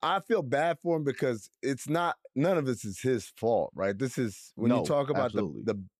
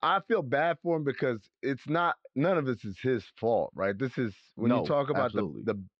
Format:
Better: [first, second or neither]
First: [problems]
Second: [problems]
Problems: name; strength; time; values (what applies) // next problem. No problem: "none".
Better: first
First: none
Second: muffled; slightly; fading above 4.5 kHz